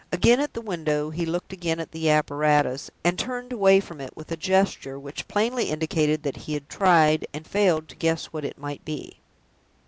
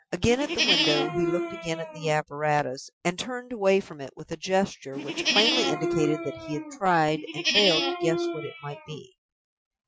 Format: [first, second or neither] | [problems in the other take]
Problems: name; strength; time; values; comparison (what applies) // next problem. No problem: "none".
first | noise reduction (classical method Wiener filter)